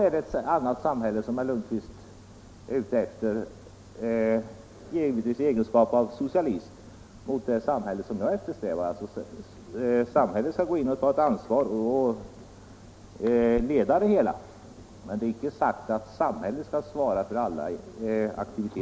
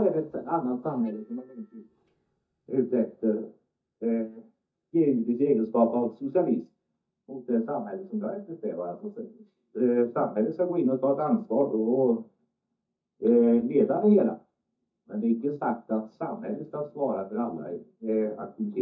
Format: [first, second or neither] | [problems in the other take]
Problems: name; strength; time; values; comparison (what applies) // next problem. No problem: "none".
first | noise reduction (neural mask model DeepFilterNet 3)